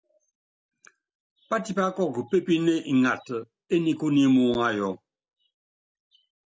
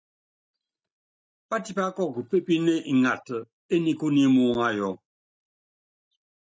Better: first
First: none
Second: noise reduction (neural mask model DeepFilterNet 3)

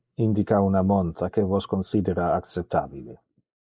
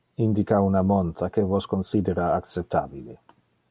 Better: second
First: noise reduction (neural mask model Resemble Enhance denoiser)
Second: none

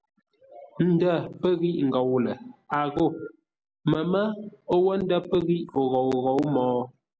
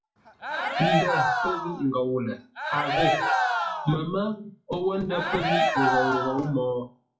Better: first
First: none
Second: noise reduction (classical method WPE with log-MMSE)

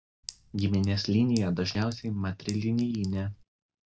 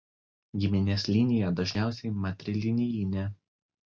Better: second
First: background sound (Chink, clink); 19 dB below the speech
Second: none

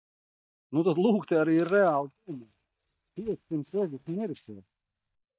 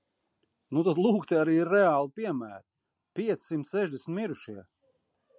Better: second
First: noise reduction (neural mask model DeepFilterNet 3)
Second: none

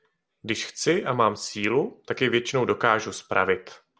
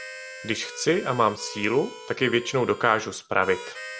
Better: first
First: none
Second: background sound (Harmonica); 15 dB below the speech

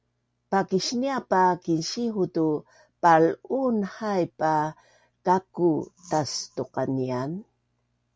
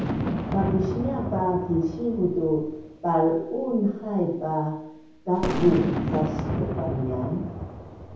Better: first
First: none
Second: background sound (Boom); 5 dB below the speech // room echo; dies away in 0.9 s

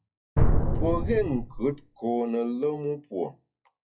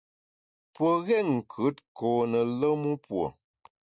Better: second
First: noise reduction (classical method WPE with log-MMSE)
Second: none

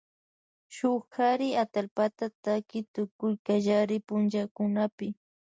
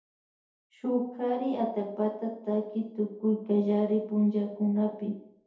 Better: first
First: none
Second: room echo; dies away in 2.1 s

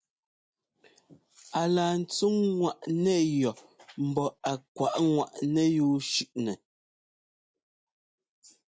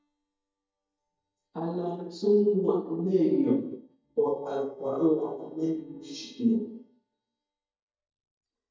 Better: first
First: none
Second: noise reduction (neural mask model DeepFilterNet 3)

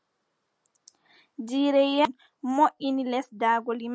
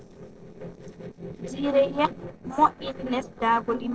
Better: first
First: none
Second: noise reduction (neural separator model SepFormer DNS4)

